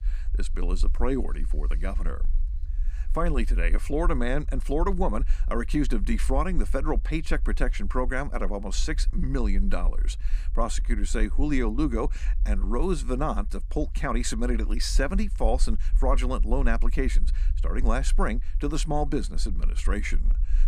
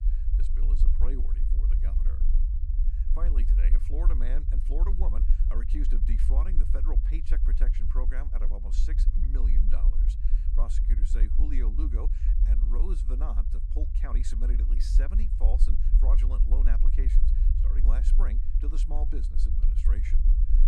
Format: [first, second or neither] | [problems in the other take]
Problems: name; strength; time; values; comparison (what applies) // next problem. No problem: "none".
first | low rumble; loud; throughout; 4 dB below the speech; faint in the first